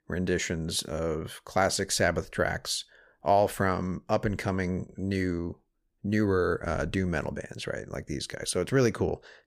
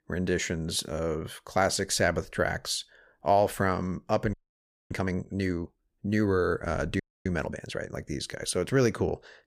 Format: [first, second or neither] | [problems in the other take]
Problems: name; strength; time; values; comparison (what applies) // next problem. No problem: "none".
first | audio freezing; at 4.5 s for 0.5 s and at 7 s